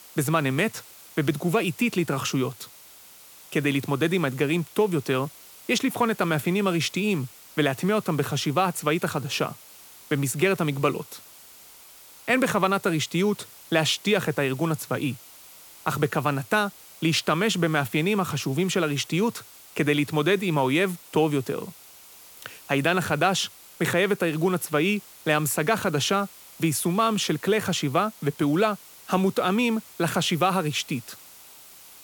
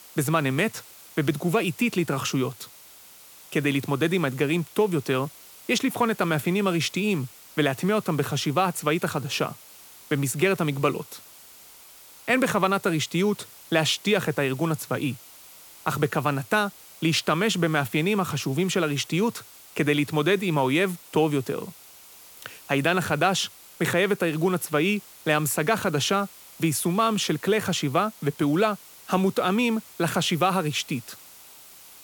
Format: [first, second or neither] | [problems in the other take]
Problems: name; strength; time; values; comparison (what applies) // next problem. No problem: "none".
neither | hiss; faint; throughout; 20 dB below the speech; the same in both